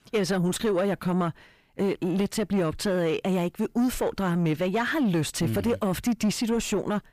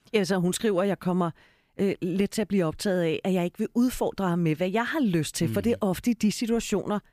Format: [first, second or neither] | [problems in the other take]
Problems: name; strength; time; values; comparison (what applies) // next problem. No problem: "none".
second | distortion; slight; 9 dB below the speech